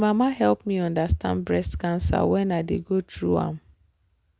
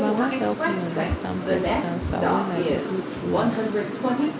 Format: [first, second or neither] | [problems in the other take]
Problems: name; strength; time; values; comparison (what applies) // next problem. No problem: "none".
first | background sound (Subway, metro, underground); 3 dB above the speech